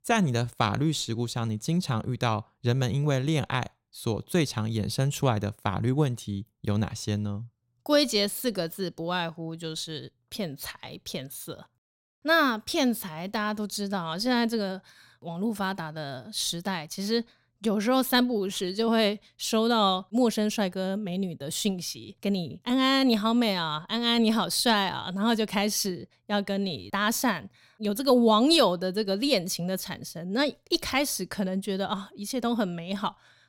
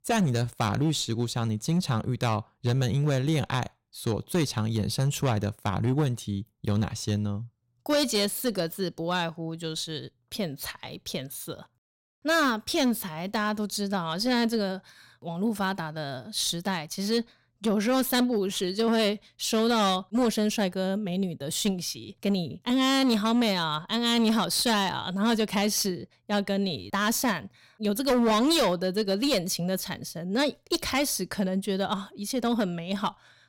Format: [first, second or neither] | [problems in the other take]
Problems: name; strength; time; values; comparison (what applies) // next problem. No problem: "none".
first | distortion; slight; 7% of the sound clipped